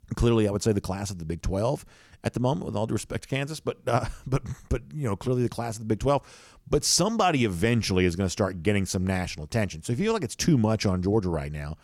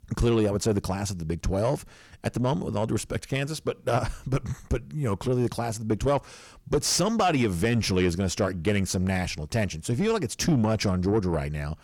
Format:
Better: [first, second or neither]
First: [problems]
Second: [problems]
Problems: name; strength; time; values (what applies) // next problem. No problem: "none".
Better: first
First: none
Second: distortion; slight; 10 dB below the speech